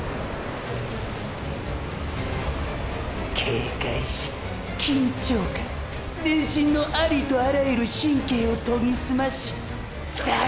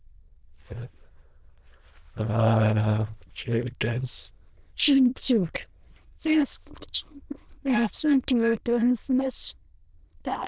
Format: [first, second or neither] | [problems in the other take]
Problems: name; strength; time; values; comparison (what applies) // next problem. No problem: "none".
first | noise reduction (neural diffusion model UNIVERSE++)